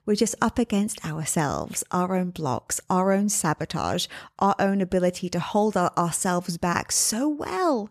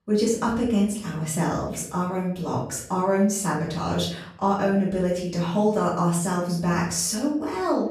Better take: first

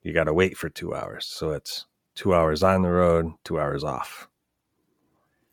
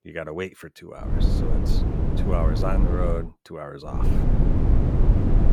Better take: first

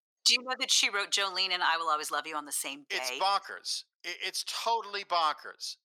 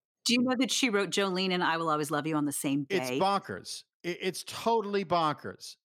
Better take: second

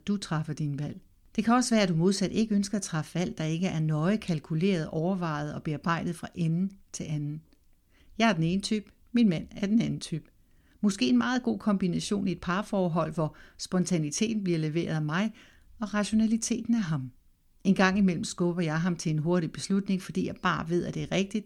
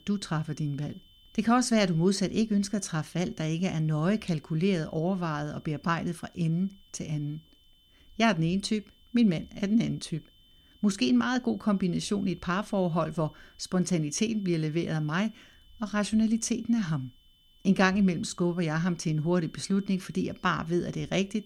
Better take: first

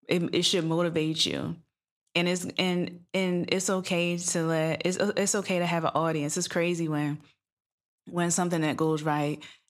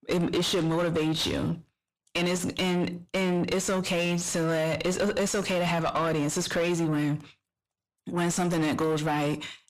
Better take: first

